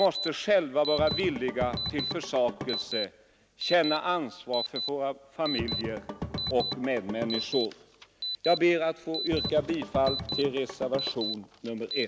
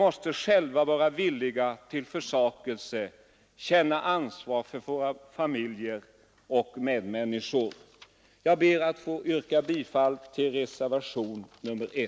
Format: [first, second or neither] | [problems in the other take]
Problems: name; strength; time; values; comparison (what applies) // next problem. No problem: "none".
second | background sound (Alarm + Drum / Drum kit); 6 dB below the speech